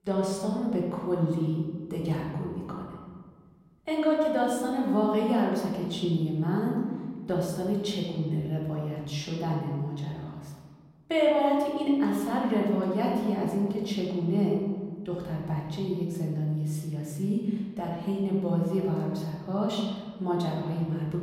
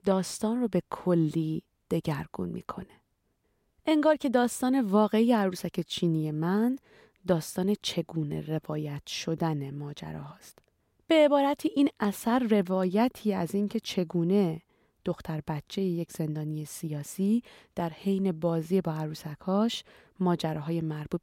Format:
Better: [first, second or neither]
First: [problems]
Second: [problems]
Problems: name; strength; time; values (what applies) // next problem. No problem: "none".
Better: second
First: room echo; noticeable; dies away in 1.5 s // off-mic speech; far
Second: none